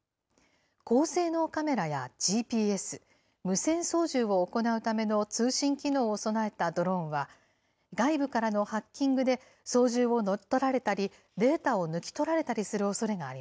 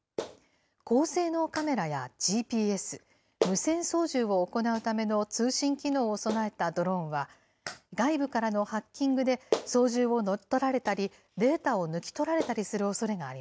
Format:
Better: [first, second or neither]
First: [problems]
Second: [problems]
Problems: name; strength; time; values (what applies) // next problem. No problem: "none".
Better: first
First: none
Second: background sound (Clapping); 13 dB below the speech